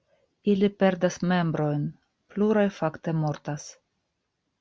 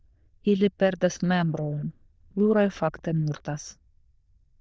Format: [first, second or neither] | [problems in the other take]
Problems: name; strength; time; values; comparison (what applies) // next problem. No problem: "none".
first | noise reduction (neural diffusion model UNIVERSE++)